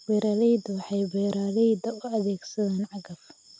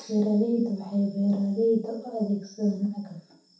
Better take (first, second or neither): first